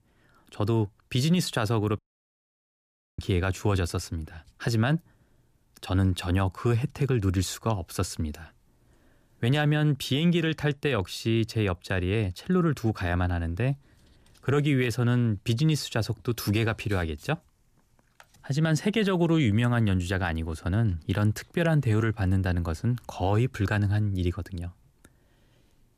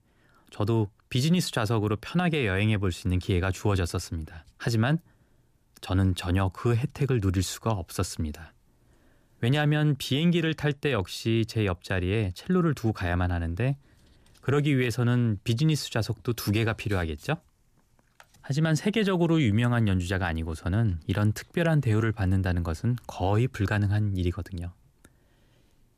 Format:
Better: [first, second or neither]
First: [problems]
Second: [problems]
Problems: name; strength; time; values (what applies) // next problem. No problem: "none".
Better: second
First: audio cutting out; at 2 s for 1 s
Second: none